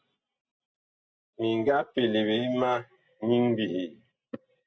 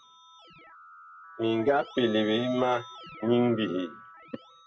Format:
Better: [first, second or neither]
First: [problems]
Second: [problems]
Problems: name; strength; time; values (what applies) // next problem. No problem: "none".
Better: first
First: none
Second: background sound (Keyboard (musical)); 18 dB below the speech